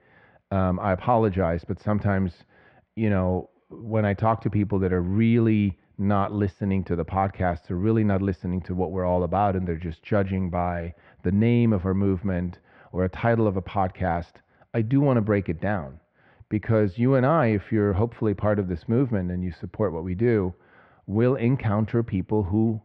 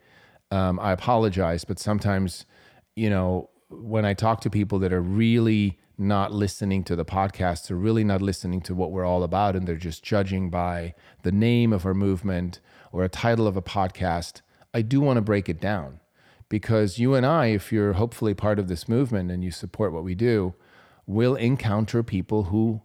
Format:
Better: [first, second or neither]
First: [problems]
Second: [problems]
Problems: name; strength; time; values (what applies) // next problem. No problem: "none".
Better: second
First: muffled; very; fading above 2.5 kHz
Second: none